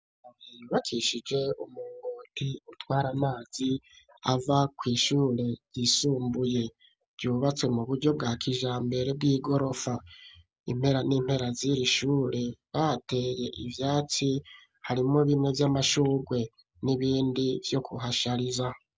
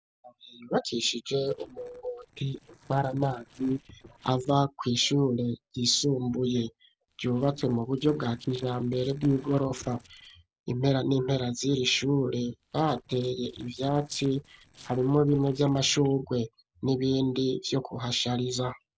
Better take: first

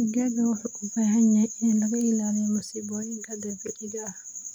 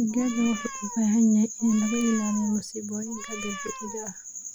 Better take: first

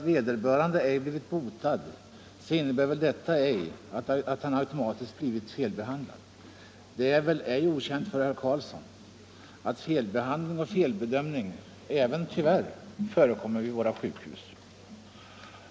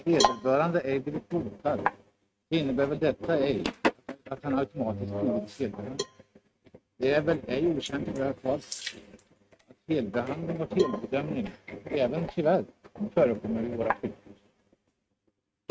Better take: first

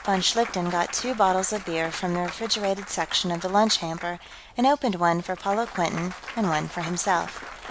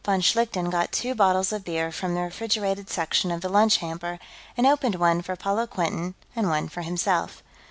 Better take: second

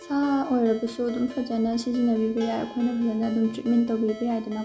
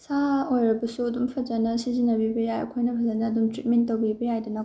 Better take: second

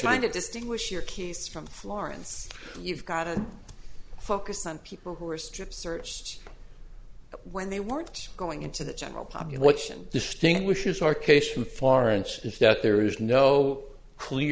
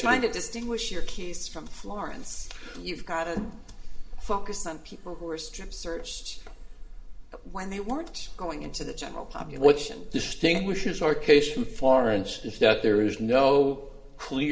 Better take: first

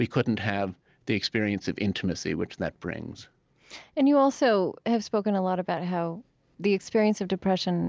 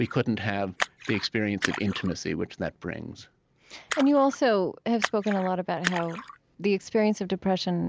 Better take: first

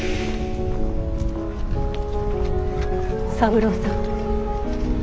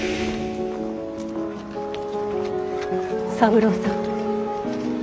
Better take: second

